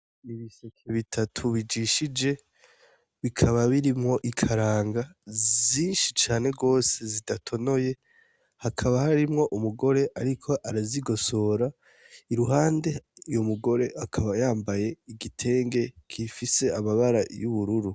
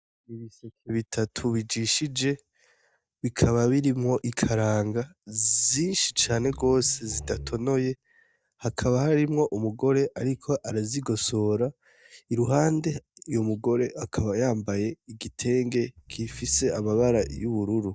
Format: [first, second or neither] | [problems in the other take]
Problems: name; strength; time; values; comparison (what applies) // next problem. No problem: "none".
first | noise reduction (neural mask model DeepFilterNet 3)